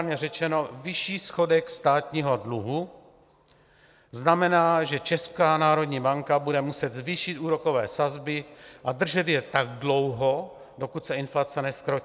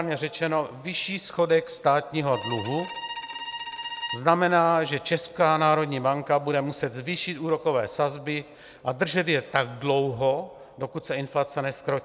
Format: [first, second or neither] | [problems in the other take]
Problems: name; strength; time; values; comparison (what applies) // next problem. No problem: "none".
first | background sound (Bowed string instrument); 10 dB below the speech